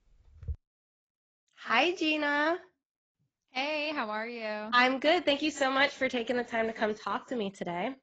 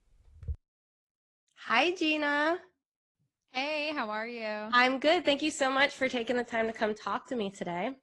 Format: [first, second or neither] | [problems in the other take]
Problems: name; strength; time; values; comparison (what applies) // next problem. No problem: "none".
second | garbled, watery; badly; nothing above 7.5 kHz; slightly in the second